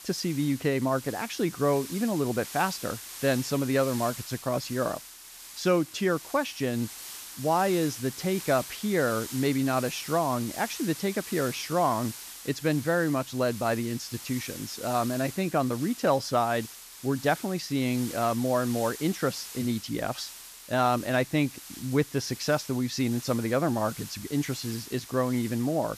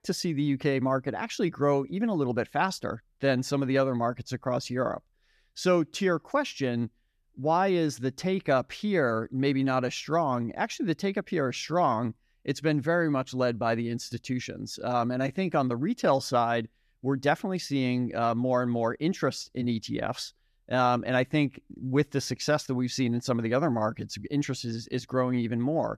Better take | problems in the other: second | hiss; noticeable; throughout; 10 dB below the speech

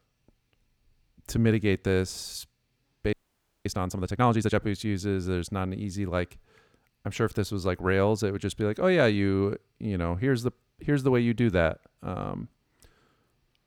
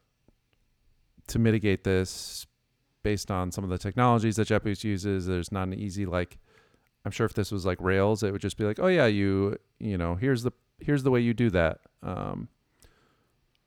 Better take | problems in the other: second | audio freezing; at 3 s for 0.5 s

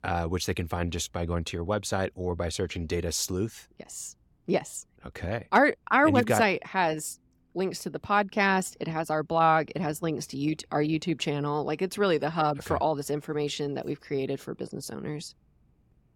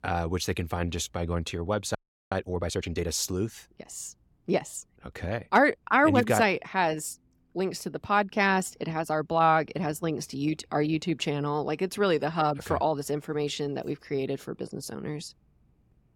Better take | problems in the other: first | audio freezing; at 2 s

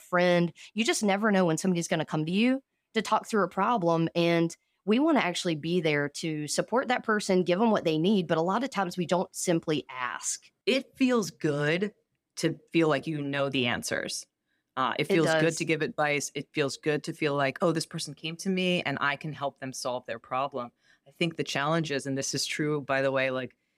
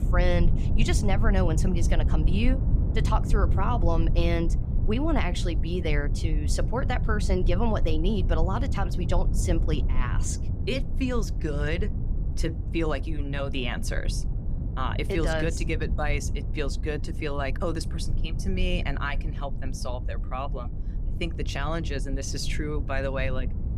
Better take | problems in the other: first | low rumble; noticeable; throughout; 10 dB below the speech

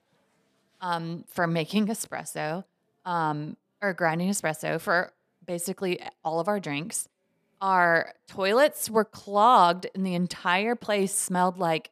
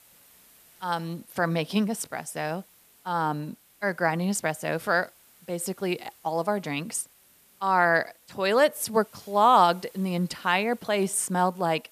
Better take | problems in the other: first | hiss; faint; throughout; 30 dB below the speech

